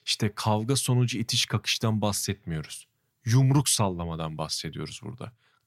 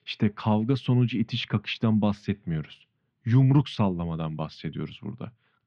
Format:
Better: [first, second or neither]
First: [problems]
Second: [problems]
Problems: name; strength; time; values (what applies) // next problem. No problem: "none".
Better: first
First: none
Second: muffled; very; fading above 3 kHz